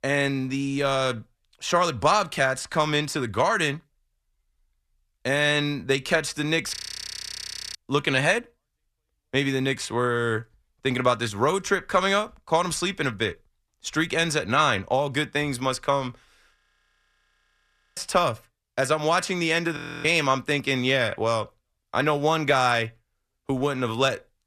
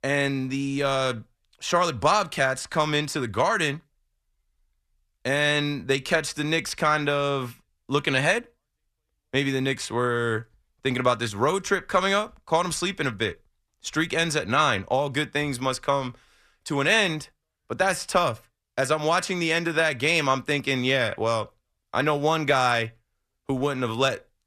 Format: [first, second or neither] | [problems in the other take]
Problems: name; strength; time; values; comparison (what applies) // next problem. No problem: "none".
second | audio freezing; at 7 s for 1 s, at 17 s for 1.5 s and at 20 s